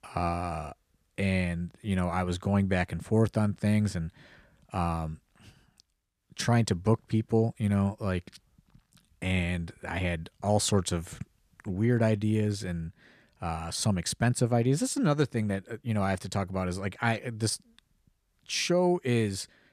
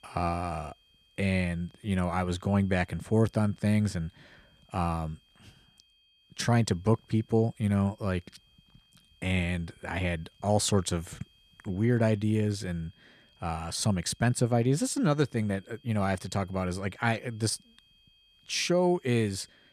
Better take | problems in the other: first | high-pitched whine; faint; throughout; 3 kHz, 35 dB below the speech

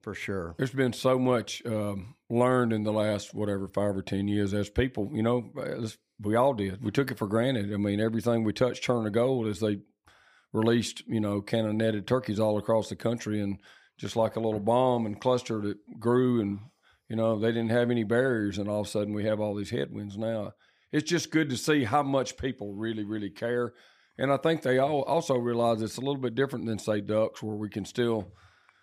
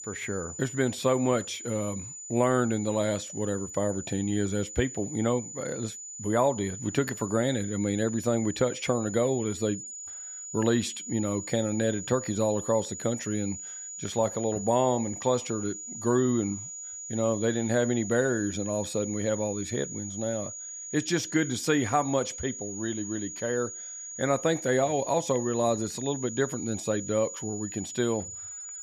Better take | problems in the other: first | high-pitched whine; loud; throughout; 7 kHz, 9 dB below the speech

